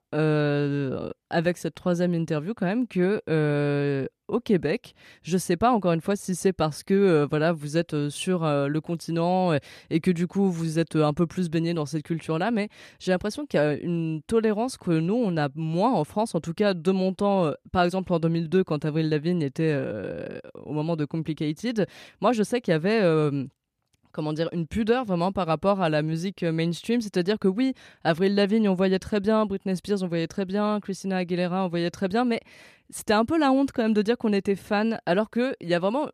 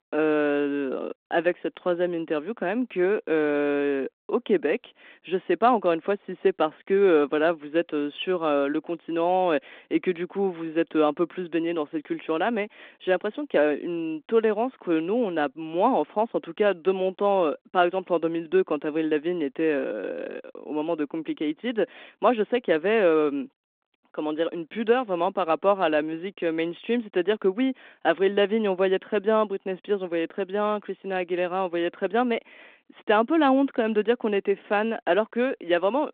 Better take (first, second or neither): first